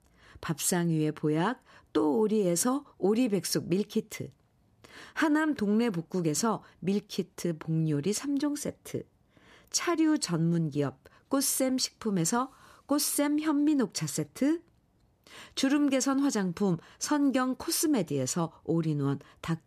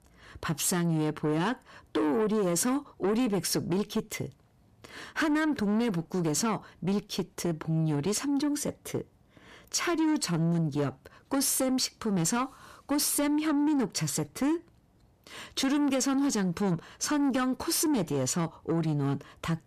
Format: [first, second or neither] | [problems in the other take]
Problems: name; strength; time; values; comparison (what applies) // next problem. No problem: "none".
first | distortion; slight; 10 dB below the speech